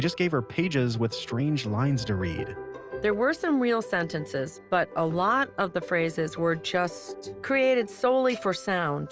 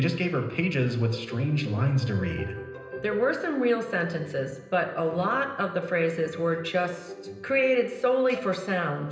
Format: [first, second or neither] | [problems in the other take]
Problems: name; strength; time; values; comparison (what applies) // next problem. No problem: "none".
first | room echo; dies away in 0.9 s